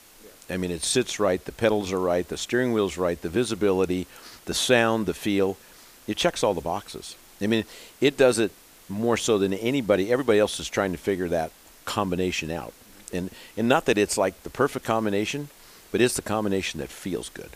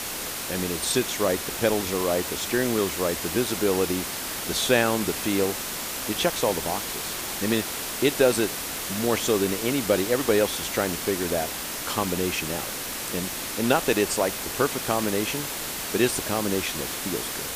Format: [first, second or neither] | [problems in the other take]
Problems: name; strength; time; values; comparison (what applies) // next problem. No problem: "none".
first | hiss; loud; throughout; 3 dB below the speech; faint in the first